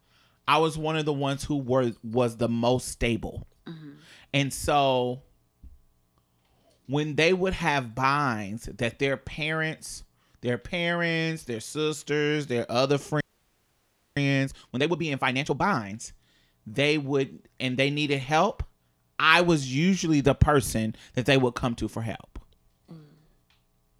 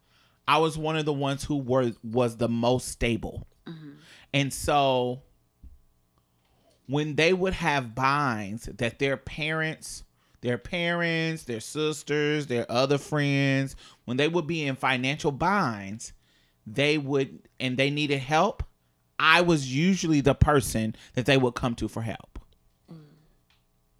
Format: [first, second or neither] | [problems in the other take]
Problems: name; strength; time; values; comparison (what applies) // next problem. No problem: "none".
second | audio freezing; at 13 s for 1 s